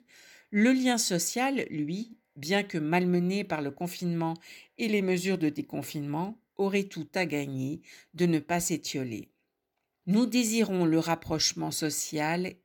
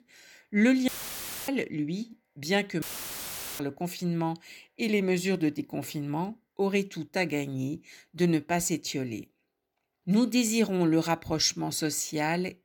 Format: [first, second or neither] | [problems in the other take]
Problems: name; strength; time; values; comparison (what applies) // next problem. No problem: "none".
first | audio cutting out; filled with static; at 1 s for 0.5 s and at 3 s for 1 s